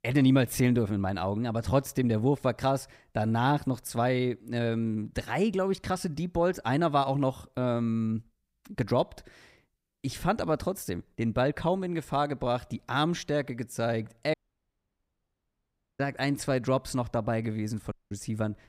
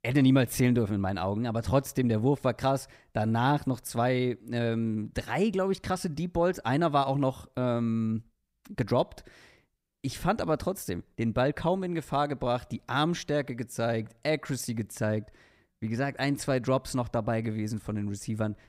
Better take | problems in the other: second | audio cutting out; at 14 s for 1.5 s and at 18 s

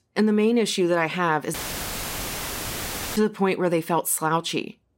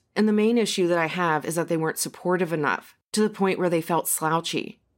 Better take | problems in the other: second | audio cutting out; filled with static; at 1.5 s for 1.5 s

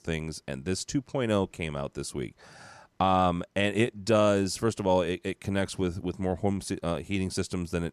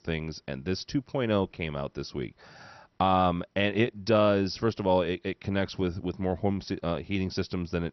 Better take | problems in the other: first | garbled, watery; slightly; nothing above 6 kHz

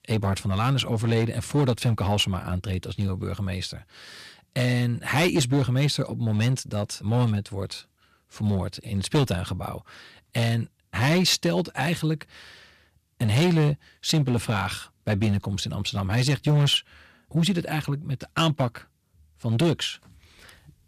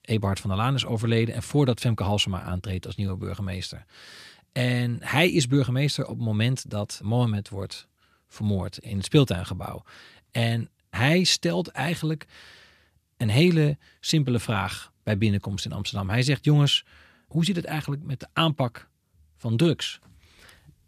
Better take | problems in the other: second | distortion; slight; 5% of the sound clipped

